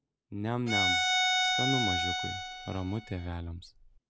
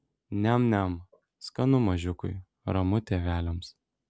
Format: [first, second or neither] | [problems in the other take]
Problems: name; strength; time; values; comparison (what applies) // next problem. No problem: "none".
second | background sound (Bowed string instrument); 5 dB above the speech